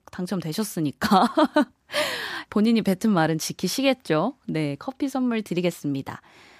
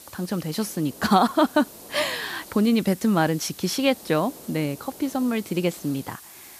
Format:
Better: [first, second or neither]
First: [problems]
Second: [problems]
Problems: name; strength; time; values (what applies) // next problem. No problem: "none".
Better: first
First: none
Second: hiss; noticeable; throughout; 20 dB below the speech